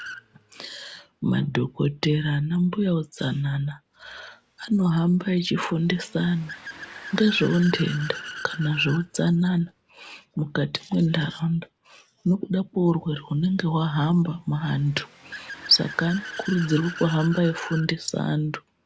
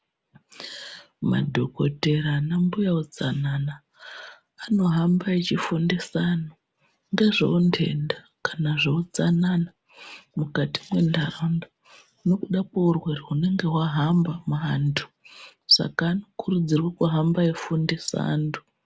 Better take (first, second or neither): second